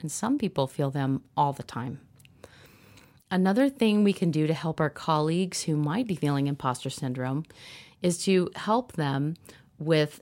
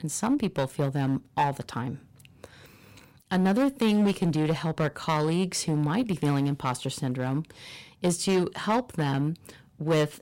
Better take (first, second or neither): first